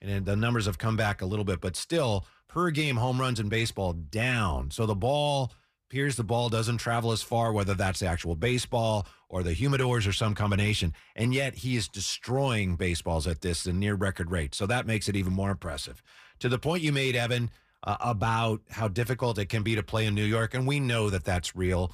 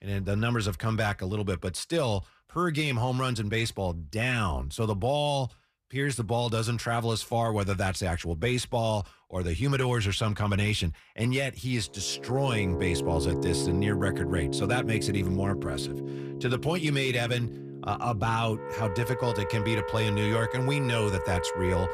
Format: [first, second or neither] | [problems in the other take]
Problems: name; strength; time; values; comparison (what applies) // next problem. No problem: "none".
first | background music; loud; from 13 s on; 5 dB below the speech